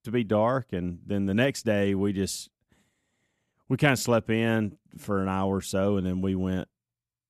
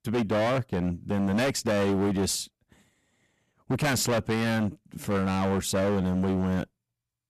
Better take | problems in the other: first | distortion; heavy; 21% of the sound clipped

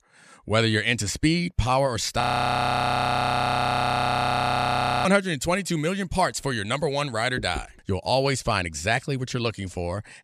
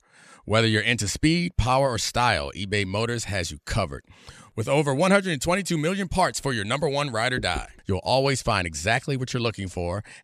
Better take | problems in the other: second | audio freezing; at 2 s for 3 s

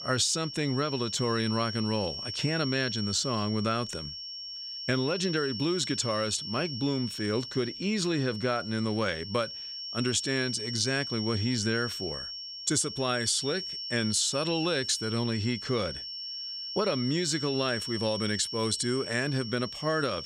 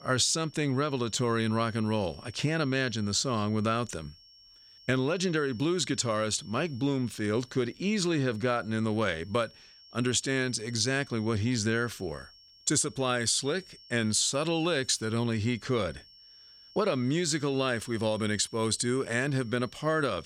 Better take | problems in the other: second | high-pitched whine; loud; throughout; 5.5 kHz, 6 dB below the speech; faint in the second

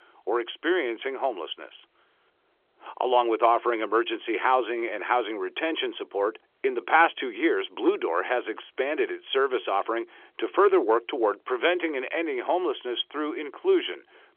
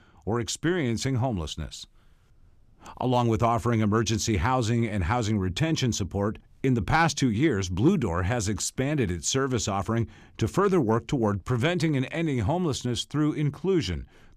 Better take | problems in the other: second | phone-call audio; nothing above 3.5 kHz

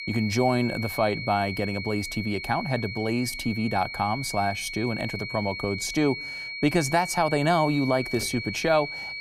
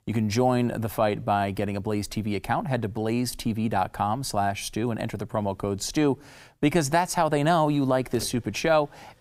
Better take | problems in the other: second | high-pitched whine; loud; throughout; 2 kHz, 7 dB below the speech

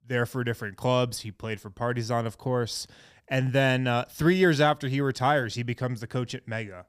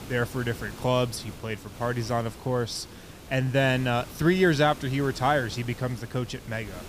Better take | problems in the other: first | hiss; noticeable; throughout; 15 dB below the speech

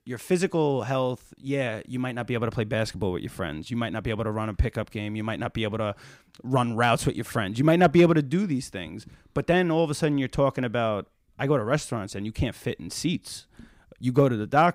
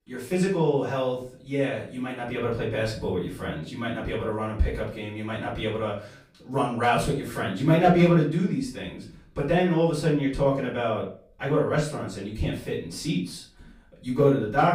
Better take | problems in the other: first | off-mic speech; far // room echo; slight; dies away in 0.3 s

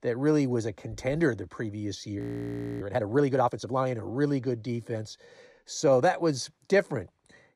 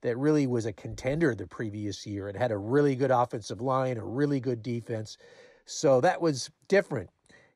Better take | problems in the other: second | audio freezing; at 2 s for 0.5 s

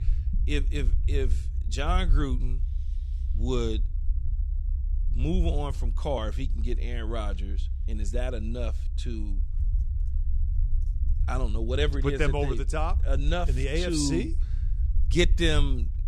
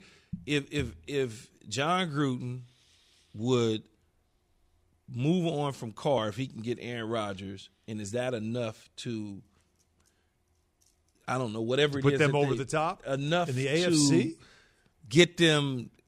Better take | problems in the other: second | low rumble; noticeable; throughout; 20 dB below the speech

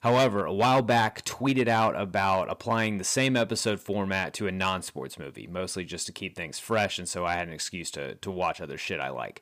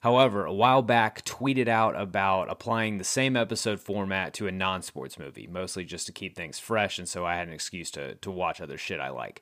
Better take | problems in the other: second | distortion; slight; 3% of the sound clipped

